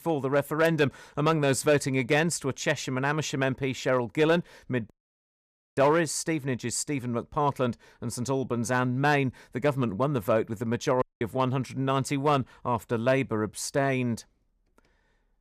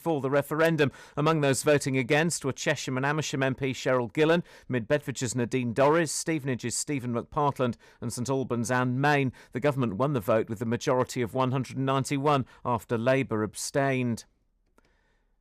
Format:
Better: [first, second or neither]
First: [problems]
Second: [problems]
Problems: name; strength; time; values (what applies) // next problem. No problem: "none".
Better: second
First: audio cutting out; at 5 s for 1 s and at 11 s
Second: none